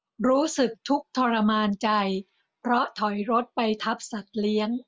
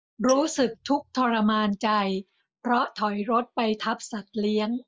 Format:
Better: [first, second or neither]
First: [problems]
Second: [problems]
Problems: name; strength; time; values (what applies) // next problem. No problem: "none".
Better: first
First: none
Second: noise reduction (neural mask model Resemble Enhance denoiser)